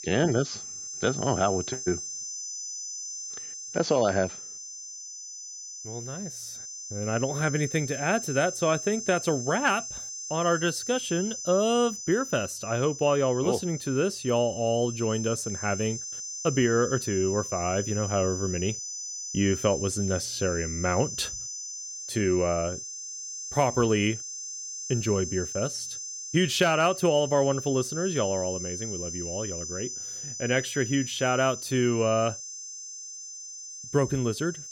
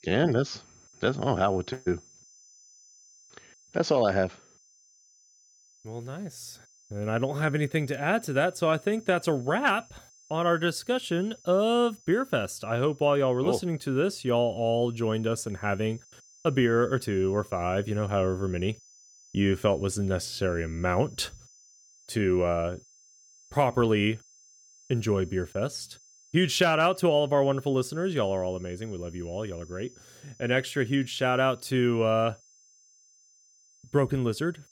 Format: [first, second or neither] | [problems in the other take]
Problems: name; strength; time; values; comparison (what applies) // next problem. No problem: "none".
second | high-pitched whine; loud; throughout; 6 kHz, 7 dB below the speech; faint in the second